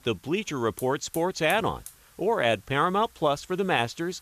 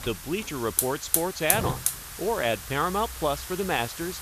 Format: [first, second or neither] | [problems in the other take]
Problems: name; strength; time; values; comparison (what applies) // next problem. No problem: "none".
first | hiss; loud; throughout; 1 dB below the speech; faint in the first